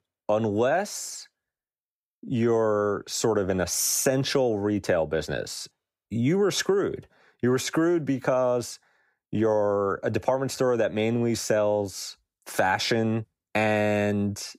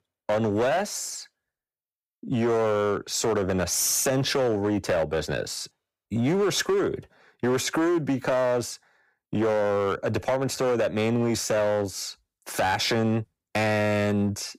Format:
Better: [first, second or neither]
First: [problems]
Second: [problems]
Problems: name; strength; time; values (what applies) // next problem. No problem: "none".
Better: first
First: none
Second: distortion; slight; 13% of the sound clipped